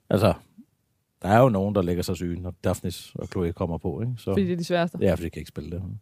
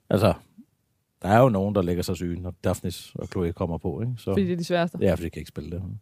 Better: neither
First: none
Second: none

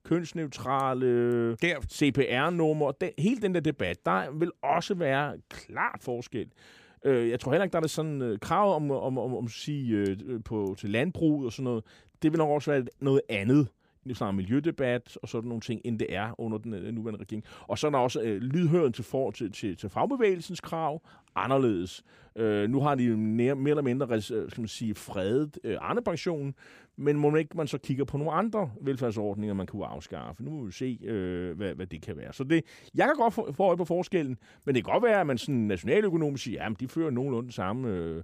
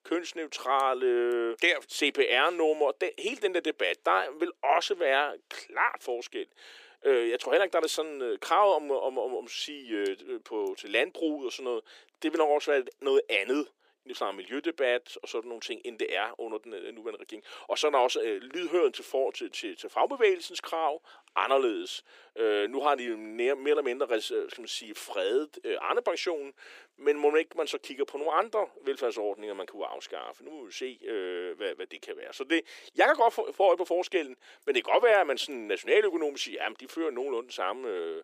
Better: first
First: none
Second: thin; very; fading below 350 Hz

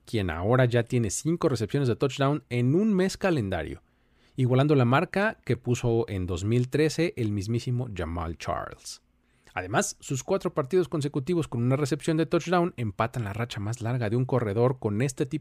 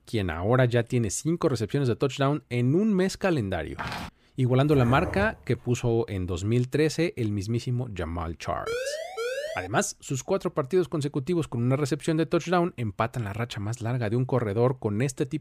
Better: first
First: none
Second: footsteps; noticeable; at 4 s; peak 8 dB below the speech // dog barking; noticeable; from 4.5 to 5.5 s; peak 6 dB below the speech // siren; noticeable; from 8.5 to 9.5 s; peak 5 dB below the speech

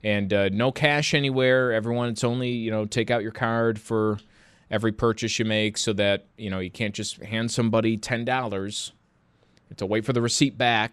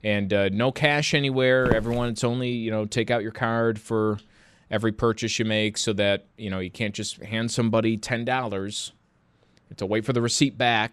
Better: first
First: none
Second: footsteps; noticeable; at 1.5 s; peak 4 dB below the speech

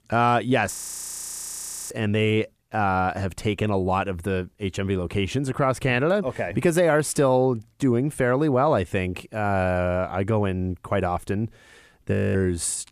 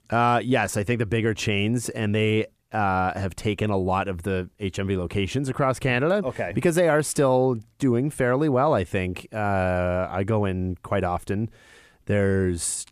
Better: second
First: audio freezing; at 0.5 s for 1 s and at 12 s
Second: none

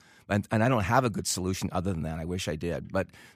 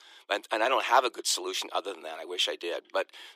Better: first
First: none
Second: thin; very; fading below 350 Hz

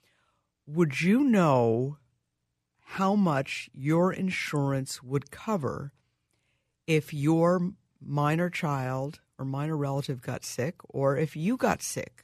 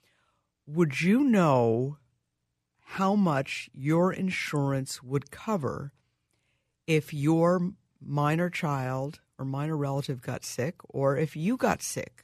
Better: neither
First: none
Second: none

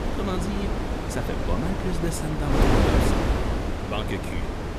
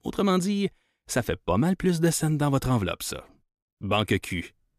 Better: second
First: wind noise on the microphone; heavy; 5 dB above the speech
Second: none

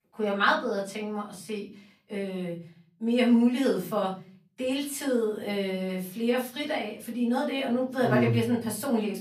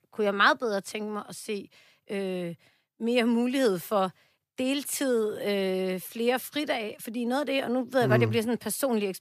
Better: second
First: off-mic speech; far // room echo; slight; dies away in 0.4 s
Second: none

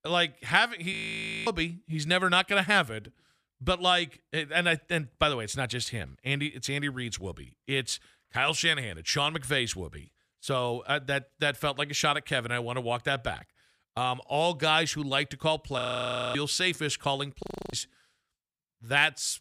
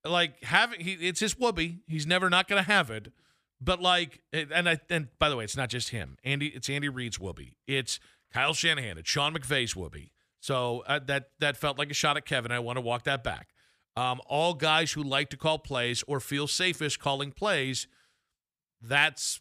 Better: second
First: audio freezing; at 1 s for 0.5 s, at 16 s for 0.5 s and at 17 s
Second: none

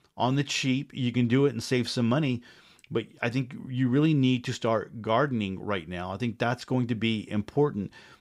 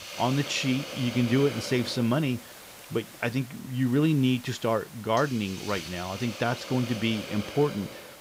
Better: first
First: none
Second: hiss; noticeable; throughout; 10 dB below the speech

